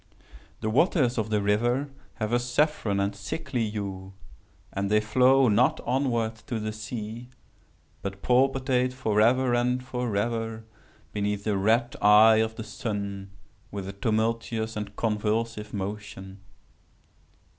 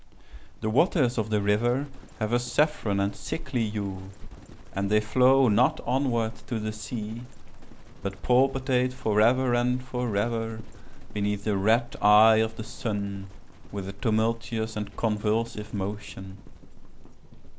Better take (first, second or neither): first